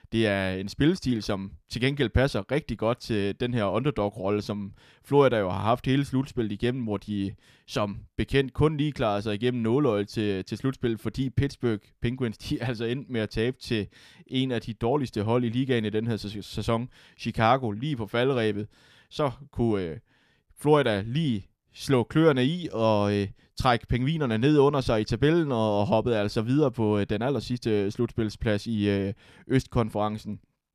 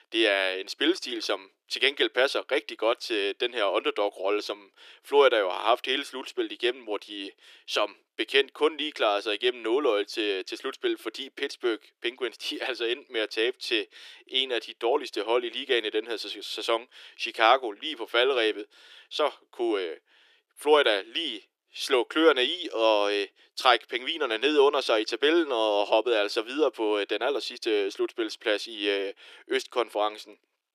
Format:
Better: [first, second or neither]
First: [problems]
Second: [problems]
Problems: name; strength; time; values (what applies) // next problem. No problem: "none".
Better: first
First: none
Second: thin; very; fading below 350 Hz